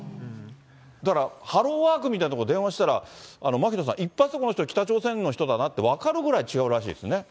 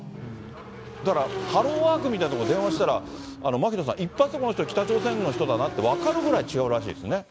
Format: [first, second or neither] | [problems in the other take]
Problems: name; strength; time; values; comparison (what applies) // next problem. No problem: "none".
first | background sound (Motorcycle / Engine); 8 dB below the speech